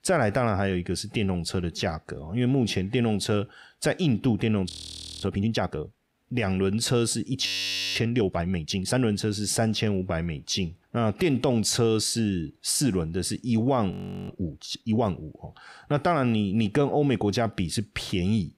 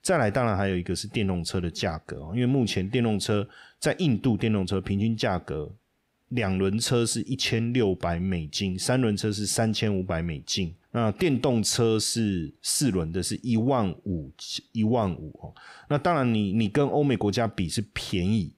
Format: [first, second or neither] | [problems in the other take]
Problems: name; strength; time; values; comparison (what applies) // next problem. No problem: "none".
second | audio freezing; at 4.5 s for 0.5 s, at 7.5 s and at 14 s